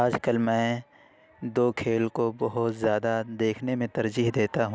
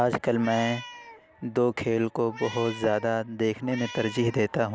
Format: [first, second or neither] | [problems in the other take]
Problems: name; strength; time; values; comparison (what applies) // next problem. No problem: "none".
first | background sound (Meow); 15 dB below the speech